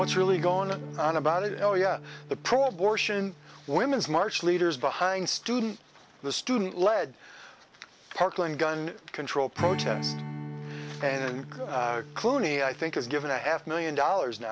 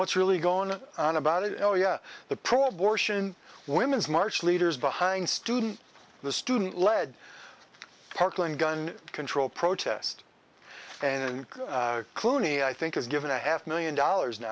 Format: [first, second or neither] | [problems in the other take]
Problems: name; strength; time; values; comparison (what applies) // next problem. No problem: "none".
second | background sound (Strum); 13 dB below the speech